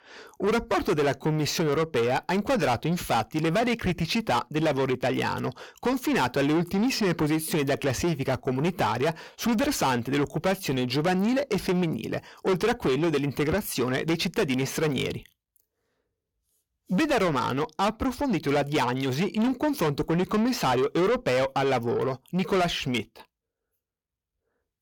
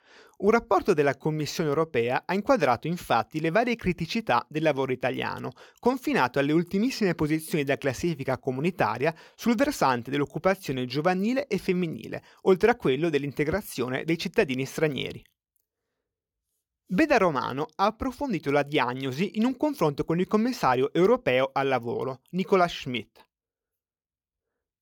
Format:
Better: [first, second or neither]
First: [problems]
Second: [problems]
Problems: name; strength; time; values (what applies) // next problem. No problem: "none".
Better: second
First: distortion; heavy; 7 dB below the speech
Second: none